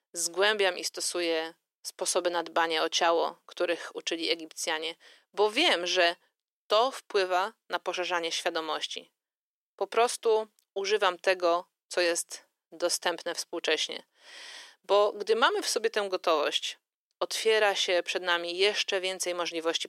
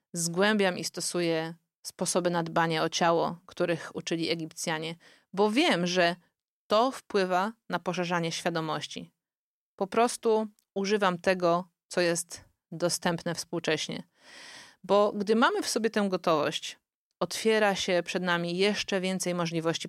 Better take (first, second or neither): second